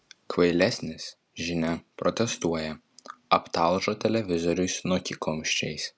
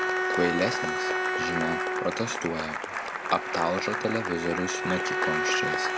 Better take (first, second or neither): first